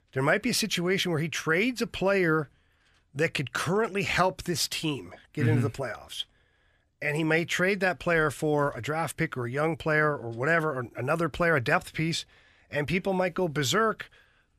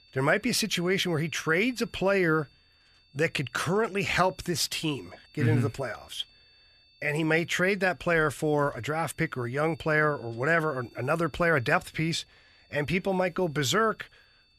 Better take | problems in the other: first | high-pitched whine; faint; throughout; 4.5 kHz, 30 dB below the speech

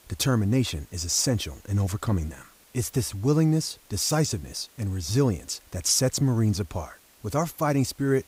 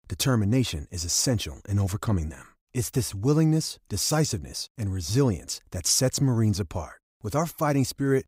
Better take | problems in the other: second | hiss; faint; throughout; 30 dB below the speech

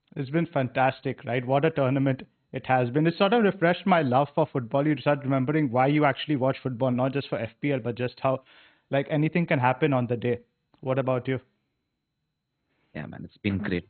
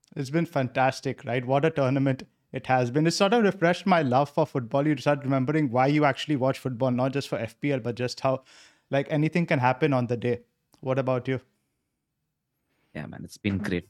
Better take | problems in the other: second | garbled, watery; badly; nothing above 4 kHz

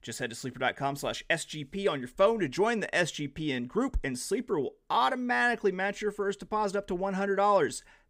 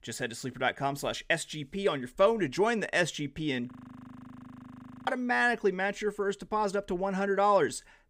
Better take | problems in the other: first | audio freezing; at 3.5 s for 1.5 s

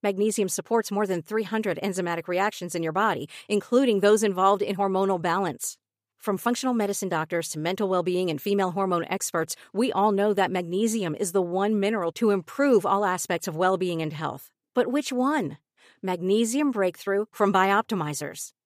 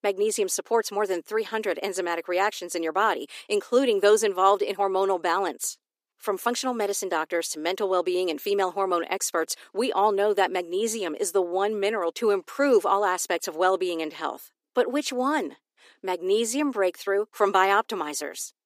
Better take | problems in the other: first | thin; somewhat; fading below 300 Hz

